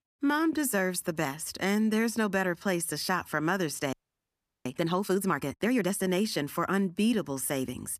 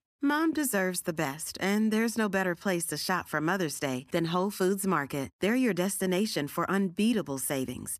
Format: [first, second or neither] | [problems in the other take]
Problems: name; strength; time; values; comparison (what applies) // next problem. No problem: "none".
second | audio freezing; at 4 s for 0.5 s